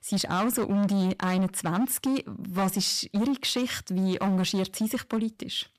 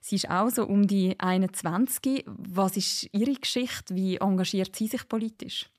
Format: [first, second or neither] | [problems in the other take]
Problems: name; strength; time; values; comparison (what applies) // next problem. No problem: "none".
second | distortion; slight; 16% of the sound clipped